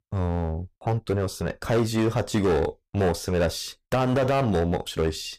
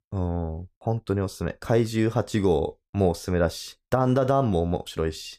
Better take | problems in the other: second | distortion; heavy; 16% of the sound clipped

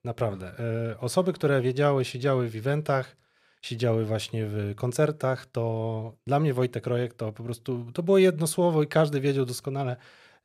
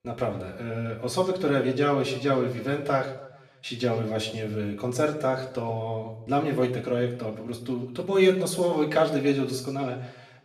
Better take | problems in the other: first | room echo; slight; dies away in 0.7 s // off-mic speech; far

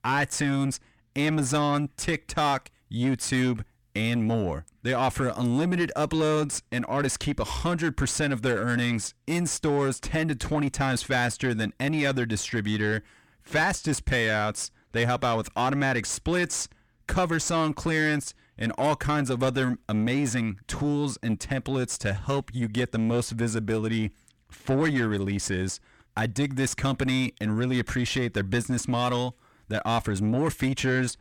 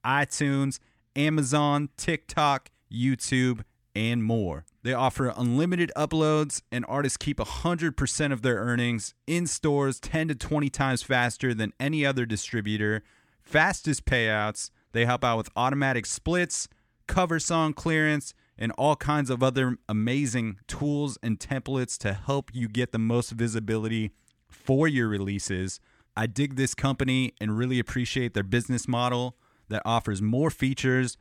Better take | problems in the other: second | distortion; slight; 9 dB below the speech

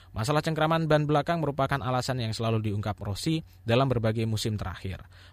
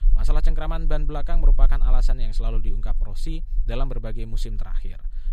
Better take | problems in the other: first | low rumble; noticeable; throughout; 20 dB below the speech

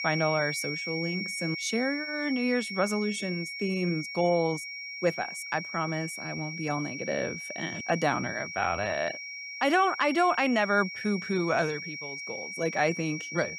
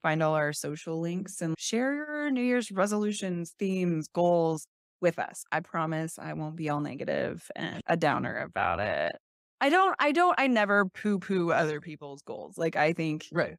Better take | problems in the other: second | high-pitched whine; loud; throughout; 2 kHz, 6 dB below the speech

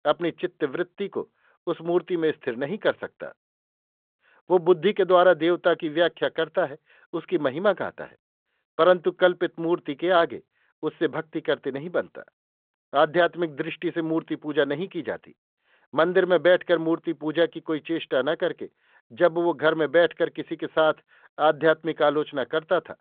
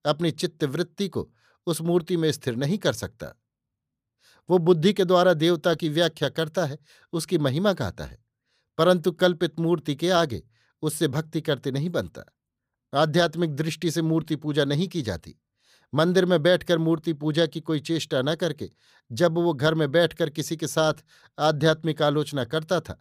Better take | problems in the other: second | phone-call audio

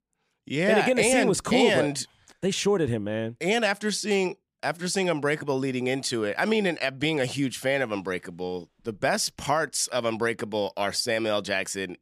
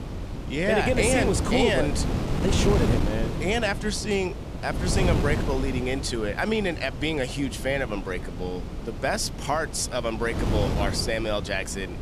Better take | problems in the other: first | wind noise on the microphone; heavy; 8 dB below the speech

